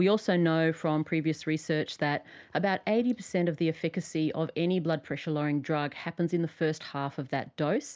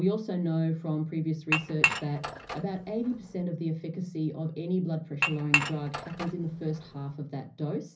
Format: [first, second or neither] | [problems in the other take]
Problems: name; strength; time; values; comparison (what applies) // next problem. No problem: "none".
first | background sound (Dishes, pots, and pans / Chink, clink); 1 dB below the speech // room echo; dies away in 0.5 s